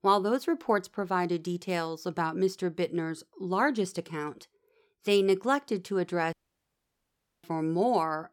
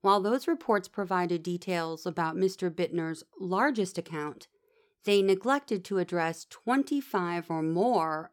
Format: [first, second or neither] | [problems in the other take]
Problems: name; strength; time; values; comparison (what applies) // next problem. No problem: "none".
second | audio cutting out; at 6.5 s for 1 s